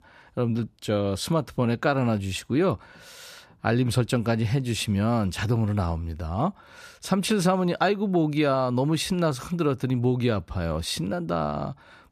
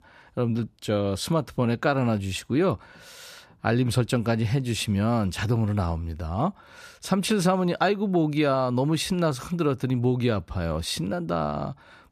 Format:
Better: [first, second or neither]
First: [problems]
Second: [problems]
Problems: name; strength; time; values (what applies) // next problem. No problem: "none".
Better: neither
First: none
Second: none